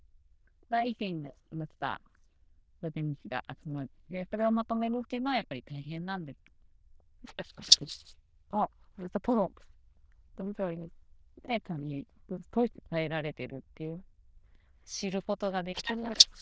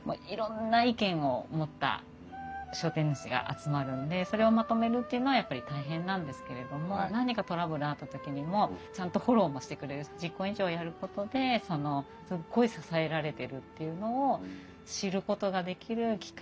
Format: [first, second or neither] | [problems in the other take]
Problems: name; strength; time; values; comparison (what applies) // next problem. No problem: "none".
second | noise reduction (neural diffusion model UNIVERSE++)